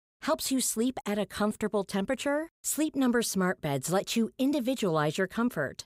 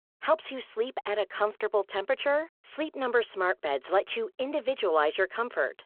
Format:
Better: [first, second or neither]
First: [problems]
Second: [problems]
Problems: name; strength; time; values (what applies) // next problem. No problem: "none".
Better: first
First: none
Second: phone-call audio